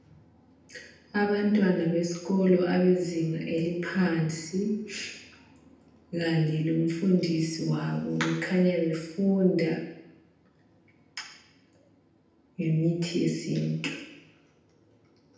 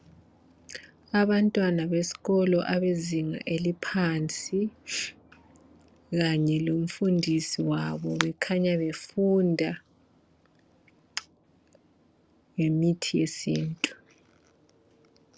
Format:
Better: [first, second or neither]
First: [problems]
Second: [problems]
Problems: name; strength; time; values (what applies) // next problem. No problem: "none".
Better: second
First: room echo; dies away in 0.8 s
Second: none